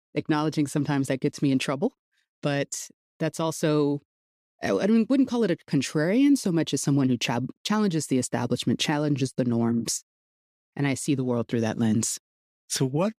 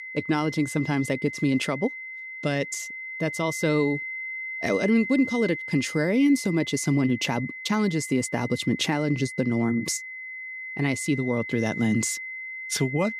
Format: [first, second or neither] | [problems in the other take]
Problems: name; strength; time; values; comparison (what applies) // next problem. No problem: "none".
first | high-pitched whine; loud; throughout; 2 kHz, 8 dB below the speech